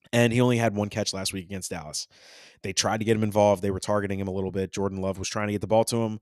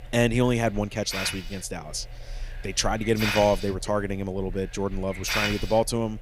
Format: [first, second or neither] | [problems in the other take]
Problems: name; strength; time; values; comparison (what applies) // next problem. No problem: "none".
first | hiss; loud; throughout; 7 dB below the speech